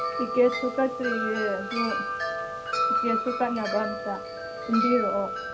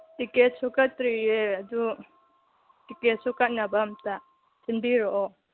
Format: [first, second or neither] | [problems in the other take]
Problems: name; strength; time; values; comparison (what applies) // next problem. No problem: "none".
second | background sound (Wind chime); 1 dB below the speech // room echo; dies away in 0.3 s